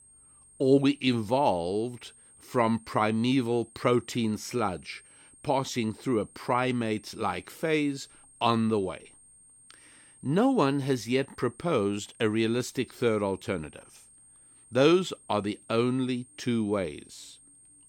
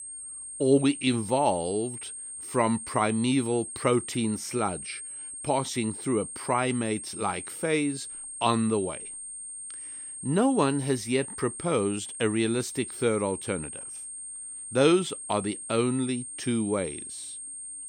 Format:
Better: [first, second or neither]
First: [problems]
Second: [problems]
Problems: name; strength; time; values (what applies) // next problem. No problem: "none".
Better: first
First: high-pitched whine; faint; throughout; 8.5 kHz, 25 dB below the speech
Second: high-pitched whine; loud; throughout; 8.5 kHz, 9 dB below the speech